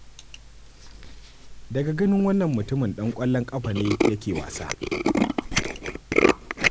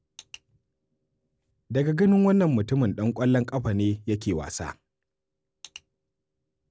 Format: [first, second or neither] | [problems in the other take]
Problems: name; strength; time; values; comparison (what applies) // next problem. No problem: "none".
second | background sound (Tools); as loud as the speech